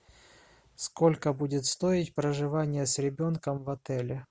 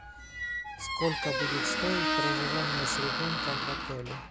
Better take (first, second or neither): first